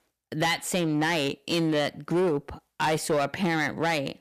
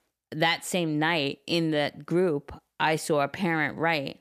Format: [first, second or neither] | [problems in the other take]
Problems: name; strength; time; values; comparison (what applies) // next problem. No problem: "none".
second | distortion; slight; 11% of the sound clipped